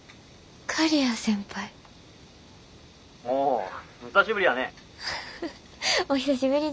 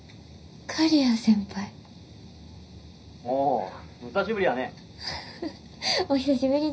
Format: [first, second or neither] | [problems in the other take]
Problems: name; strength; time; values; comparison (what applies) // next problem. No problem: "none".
first | room echo; dies away in 0.5 s